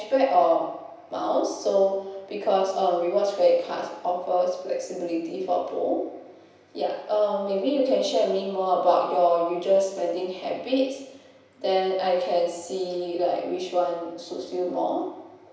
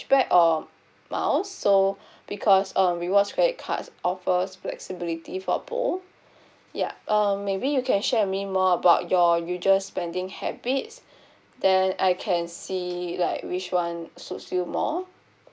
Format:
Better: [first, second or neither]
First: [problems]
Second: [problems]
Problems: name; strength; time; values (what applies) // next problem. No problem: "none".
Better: second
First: room echo; dies away in 0.9 s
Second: none